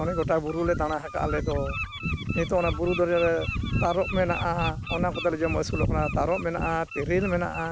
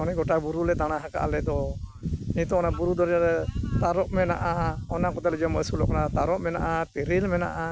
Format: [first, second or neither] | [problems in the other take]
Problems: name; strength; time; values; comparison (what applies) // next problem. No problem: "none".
second | background sound (Bird); 12 dB below the speech